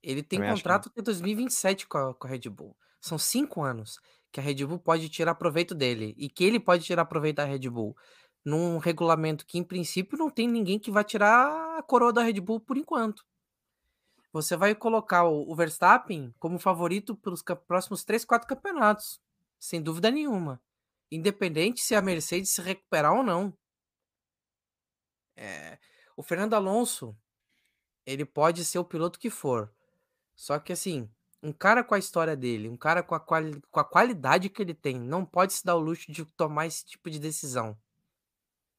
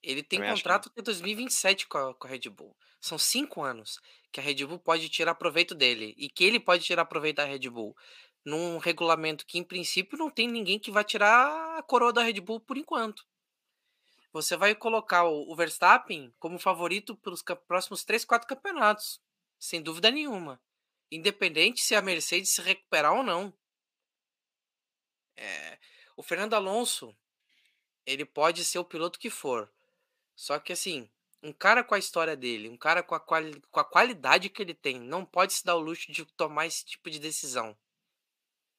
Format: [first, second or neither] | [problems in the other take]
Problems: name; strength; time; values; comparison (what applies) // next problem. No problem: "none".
first | thin; very slightly; fading below 300 Hz